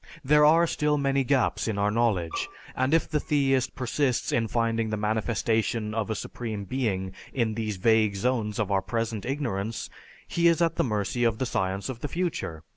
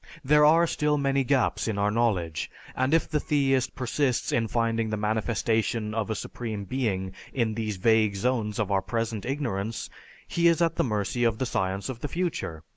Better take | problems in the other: second | background sound (Bowed string instrument); 15 dB below the speech

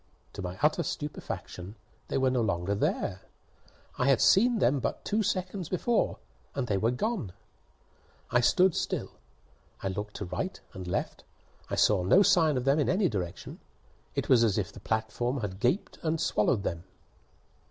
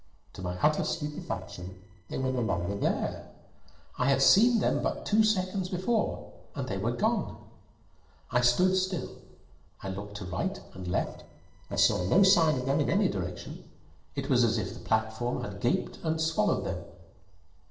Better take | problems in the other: first | noise reduction (neural separator model SepFormer DNS4)

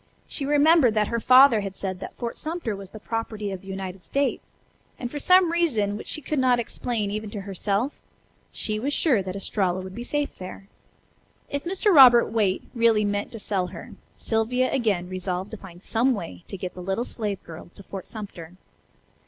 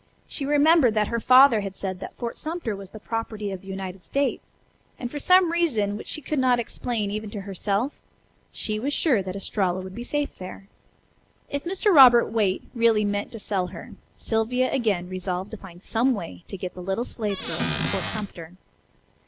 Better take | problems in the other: first | background sound (Squeak / Cupboard open or close); 4 dB below the speech

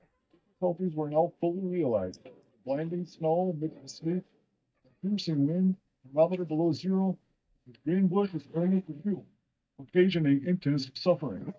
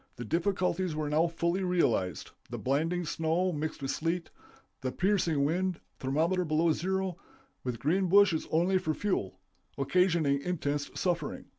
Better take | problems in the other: second | noise reduction (neural mask model DeepFilterNet 3)

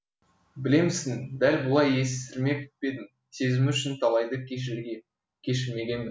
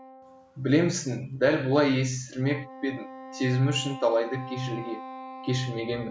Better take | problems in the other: first | background sound (Wind instrument, woodwind instrument); 16 dB below the speech

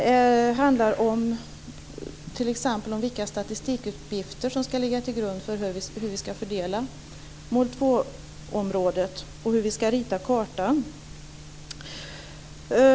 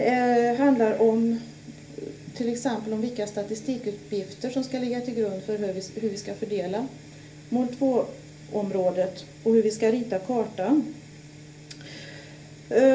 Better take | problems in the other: first | room echo; dies away in 0.3 s

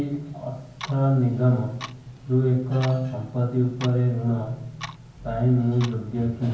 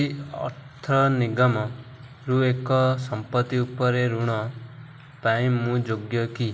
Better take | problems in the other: second | background sound (Clock); 19 dB below the speech // room echo; dies away in 0.9 s

